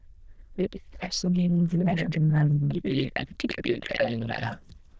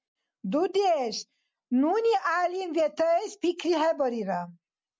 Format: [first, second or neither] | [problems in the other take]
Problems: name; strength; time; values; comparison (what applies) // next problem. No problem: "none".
second | noise reduction (neural diffusion model UNIVERSE++)